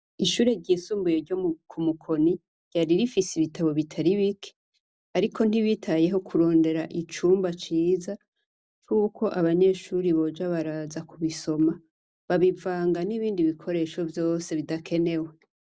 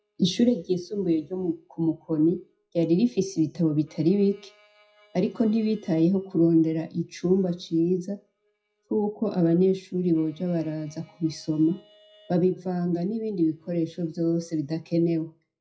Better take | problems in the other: first | noise reduction (classical method WPE with log-MMSE)

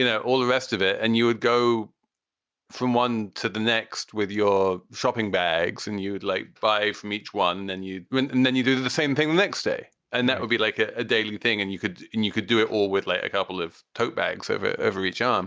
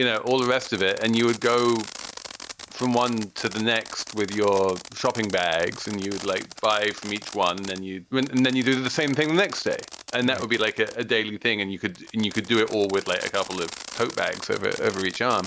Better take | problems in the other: first | background sound (Fireworks); 15 dB below the speech

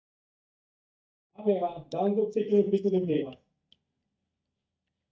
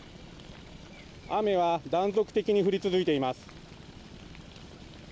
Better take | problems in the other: second | noise reduction (neural mask model DeepFilterNet 3)

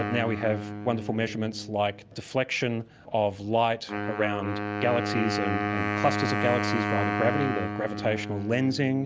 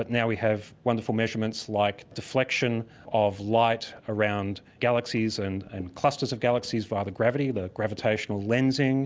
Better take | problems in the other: second | background sound (Wind instrument, woodwind instrument); 3 dB below the speech

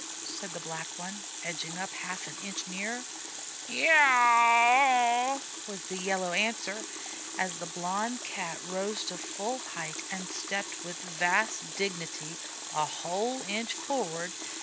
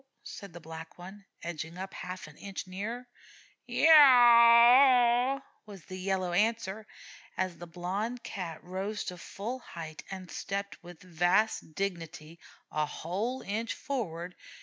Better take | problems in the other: second | background sound (Water tap, faucet); 8 dB below the speech

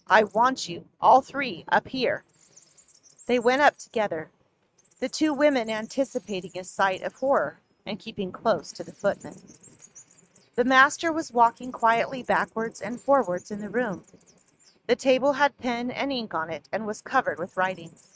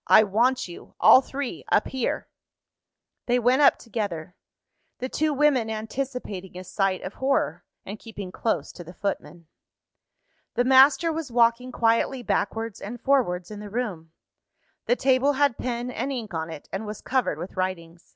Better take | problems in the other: second | noise reduction (neural mask model RNNoise)

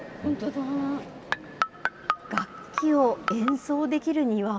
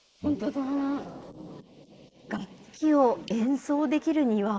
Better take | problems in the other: first | noise reduction (neural mask model Resemble Enhance denoiser)

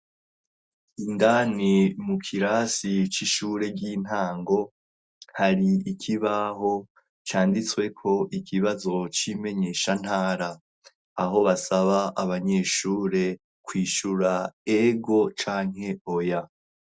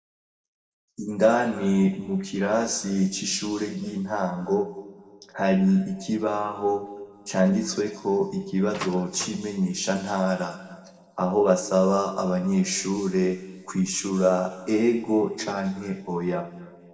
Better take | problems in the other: first | noise reduction (neural separator model SepFormer DNS4)

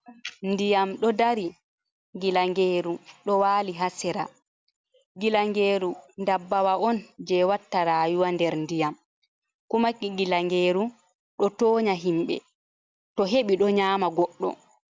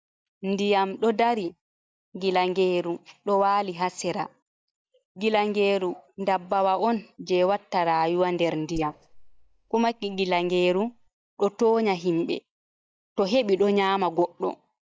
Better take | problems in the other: first | noise reduction (neural mask model DeepFilterNet 3)

